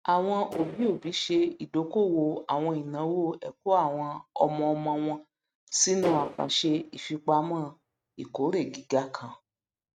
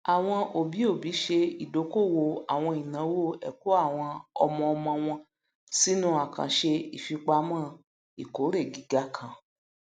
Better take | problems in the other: second | noise reduction (neural mask model RNNoise)

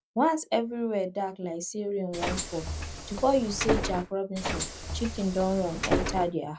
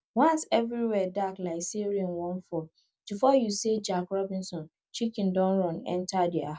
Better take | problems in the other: second | background sound (Bus); 3 dB below the speech

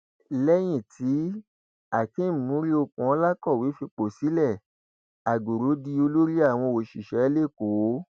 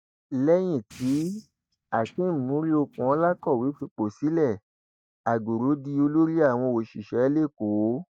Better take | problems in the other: first | noise reduction (neural mask model DeepFilterNet 3)

